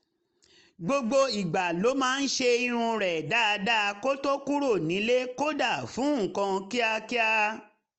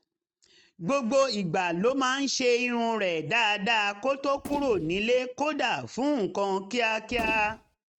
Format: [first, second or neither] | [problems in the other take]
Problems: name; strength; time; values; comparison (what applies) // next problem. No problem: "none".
first | noise reduction (neural mask model RNNoise)